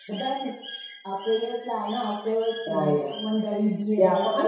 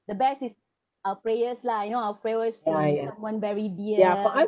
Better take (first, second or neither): second